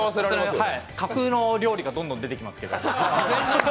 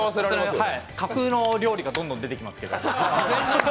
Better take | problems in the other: first | background sound (Rattle / Keys jangling); 19 dB below the speech

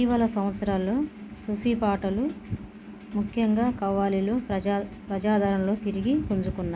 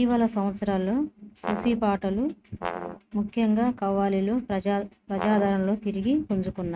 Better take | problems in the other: first | noise reduction (neural mask model RNNoise)

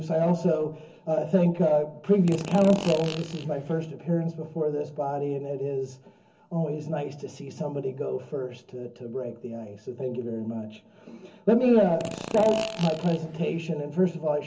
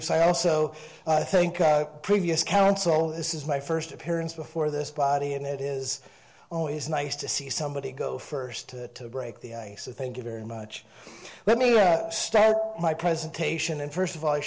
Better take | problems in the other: second | background sound (Fart); 11 dB below the speech // room echo; dies away in 0.4 s

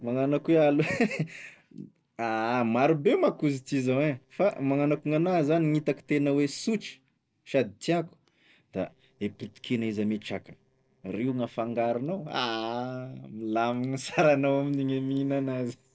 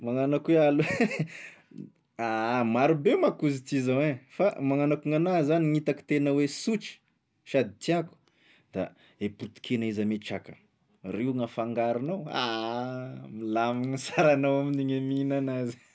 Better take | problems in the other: second | noise reduction (neural separator model SepFormer DNS4)

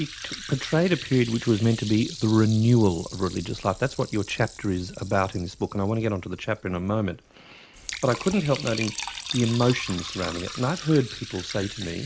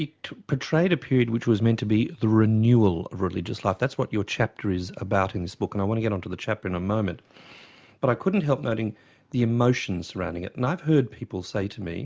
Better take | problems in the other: second | background sound (Liquid); 13 dB below the speech

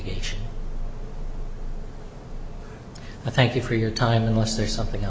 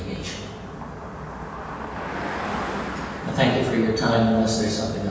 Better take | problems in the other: first | background sound (Car passing by); 9 dB below the speech // room echo; dies away in 1.2 s

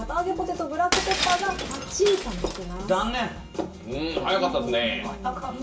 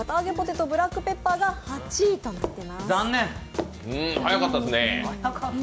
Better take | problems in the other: second | background sound (Shatter); 5 dB below the speech // room echo; dies away in 0.2 s

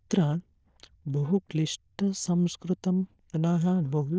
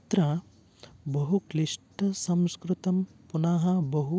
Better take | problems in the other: second | noise reduction (neural diffusion model UNIVERSE++)

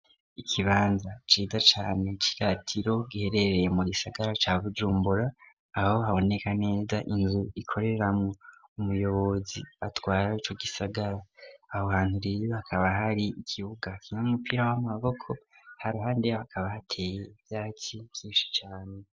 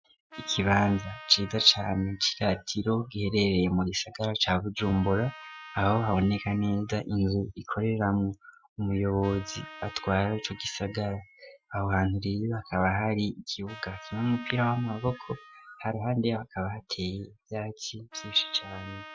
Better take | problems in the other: first | noise reduction (classical method Wiener filter)

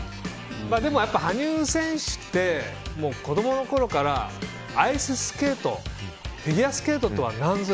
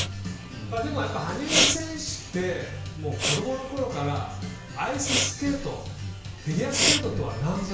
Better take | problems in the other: first | background sound (Respiratory sounds); 1 dB below the speech // room echo; dies away in 0.5 s

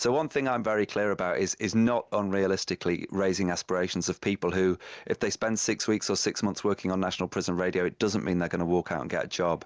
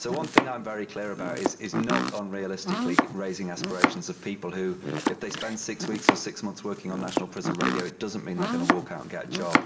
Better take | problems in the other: first | background sound (Domestic sounds, home sounds); 4 dB above the speech // room echo; dies away in 2.9 s

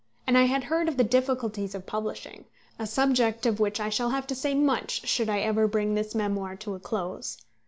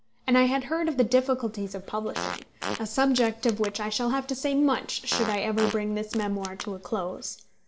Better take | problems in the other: first | background sound (Fart); 11 dB below the speech // room echo; dies away in 0.4 s

